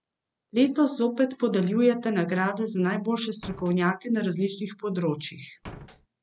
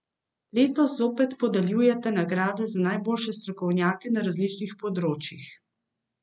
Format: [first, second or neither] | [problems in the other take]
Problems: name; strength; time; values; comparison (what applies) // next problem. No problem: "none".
second | background sound (Slam); 16 dB below the speech